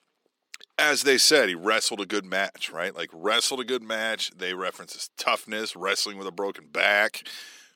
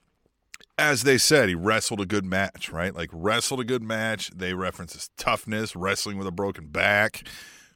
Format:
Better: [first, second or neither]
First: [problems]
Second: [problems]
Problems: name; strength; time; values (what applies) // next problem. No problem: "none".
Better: second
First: thin; somewhat; fading below 300 Hz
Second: none